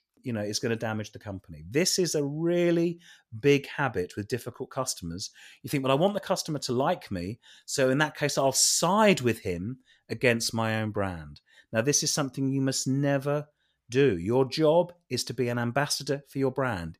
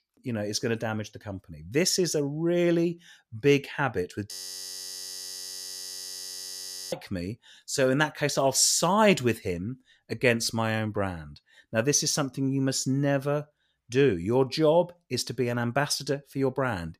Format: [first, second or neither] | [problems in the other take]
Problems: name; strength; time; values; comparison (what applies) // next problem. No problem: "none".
first | audio freezing; at 4.5 s for 2.5 s